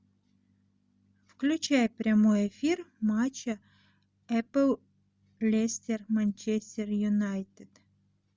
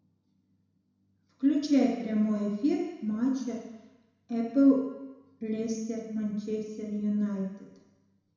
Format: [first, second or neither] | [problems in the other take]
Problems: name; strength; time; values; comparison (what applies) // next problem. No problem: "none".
first | room echo; dies away in 1 s